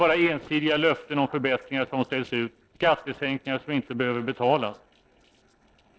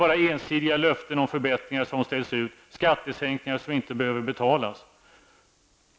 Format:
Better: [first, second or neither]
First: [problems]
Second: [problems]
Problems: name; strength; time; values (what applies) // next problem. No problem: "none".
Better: second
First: noise reduction (neural separator model SepFormer DNS4)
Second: none